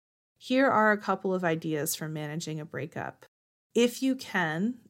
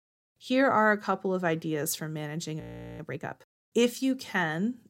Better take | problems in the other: first | audio freezing; at 2.5 s

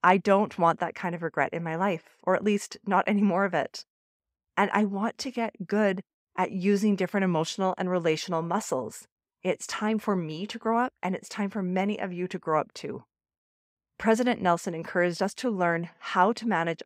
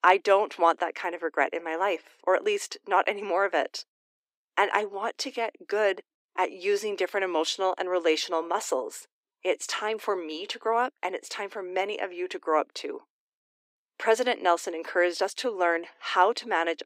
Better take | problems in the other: first | thin; very; fading below 300 Hz

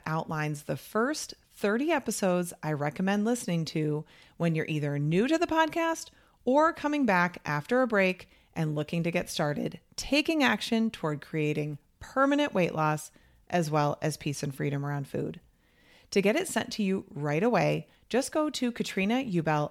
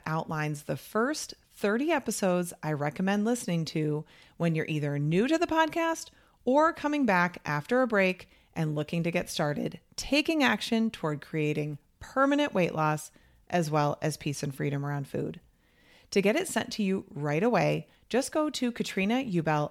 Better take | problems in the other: neither | none

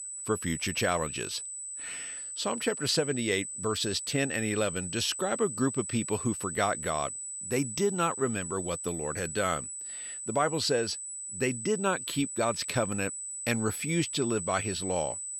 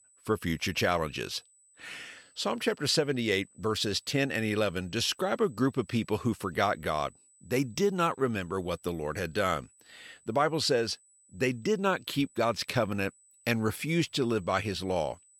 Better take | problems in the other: second | high-pitched whine; loud; throughout; 8 kHz, 5 dB below the speech; faint in the second

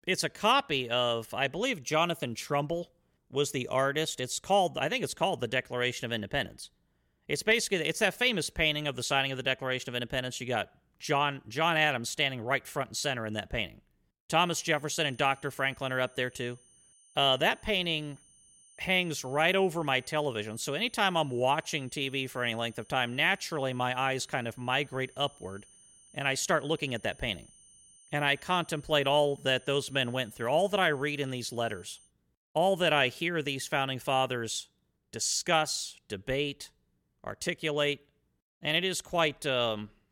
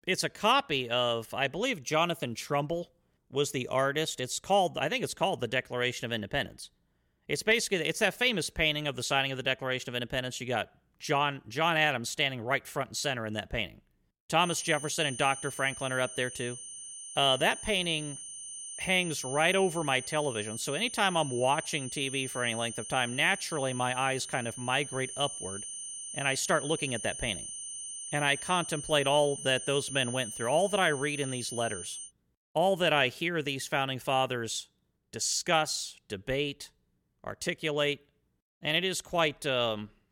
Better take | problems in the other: first | high-pitched whine; loud; from 14 to 32 s; 9 kHz, 9 dB below the speech; faint in the first

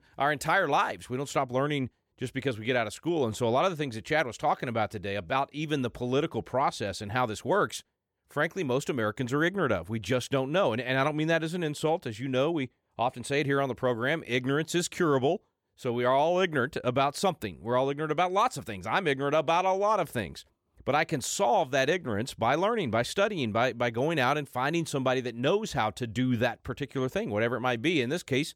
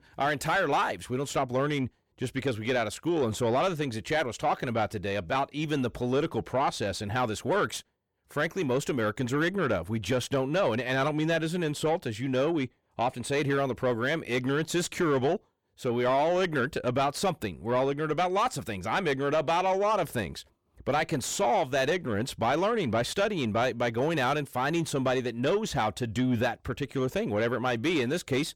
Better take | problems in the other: first | distortion; slight; 10 dB below the speech

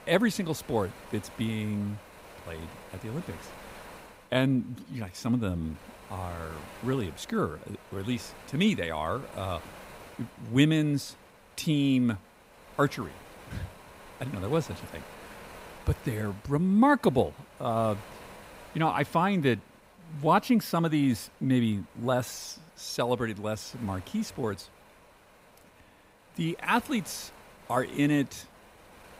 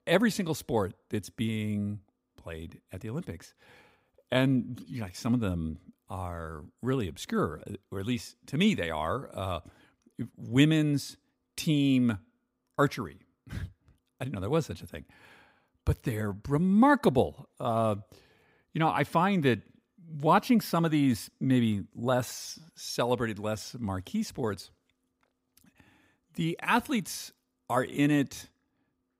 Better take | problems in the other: second | wind noise on the microphone; occasional gusts; 20 dB below the speech

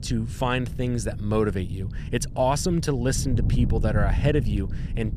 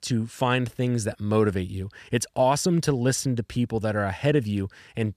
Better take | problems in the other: second | wind noise on the microphone; occasional gusts; 15 dB below the speech

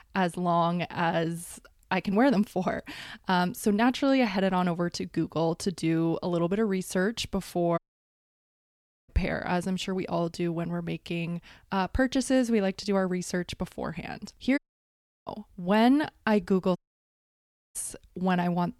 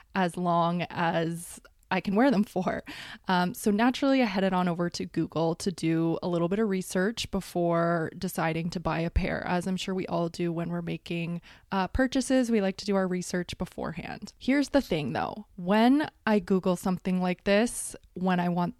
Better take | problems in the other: second | audio cutting out; at 8 s for 1.5 s, at 15 s for 0.5 s and at 17 s for 1 s

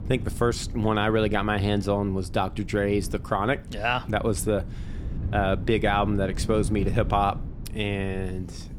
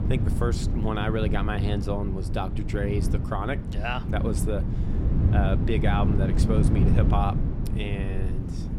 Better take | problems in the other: first | wind noise on the microphone; heavy; 5 dB below the speech; occasional gusts in the first

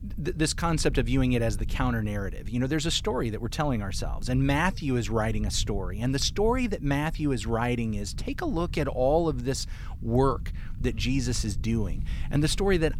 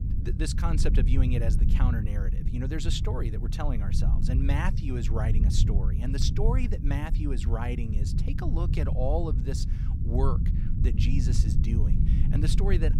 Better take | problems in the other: first | low rumble; loud; throughout; 5 dB below the speech; faint in the first

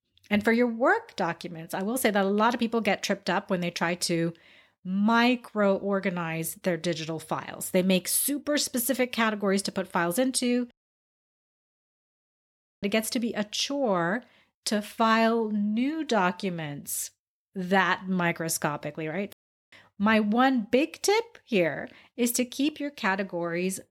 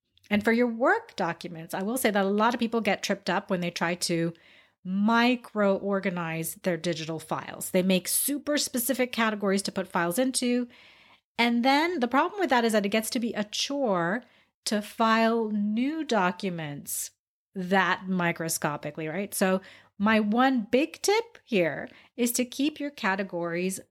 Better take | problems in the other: second | audio cutting out; at 11 s for 2 s and at 19 s

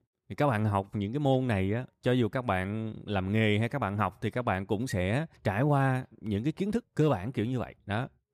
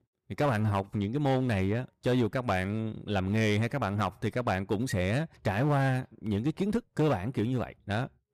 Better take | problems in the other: first | distortion; slight; 6% of the sound clipped

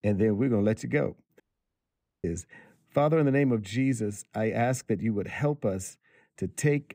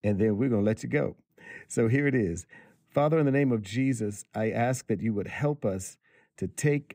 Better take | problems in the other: second | audio cutting out; at 1.5 s for 1 s

